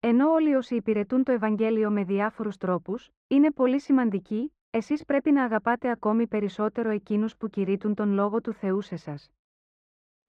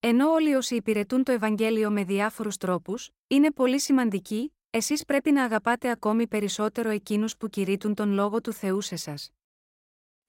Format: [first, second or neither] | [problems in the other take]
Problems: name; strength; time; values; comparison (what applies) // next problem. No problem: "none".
second | muffled; very; fading above 1.5 kHz